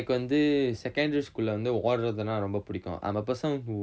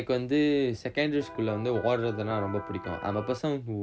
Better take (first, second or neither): first